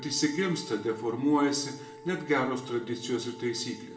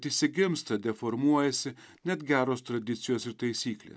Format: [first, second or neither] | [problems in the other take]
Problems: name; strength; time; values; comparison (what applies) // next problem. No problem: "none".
second | background sound (Wind instrument, woodwind instrument); 18 dB below the speech // room echo; dies away in 0.6 s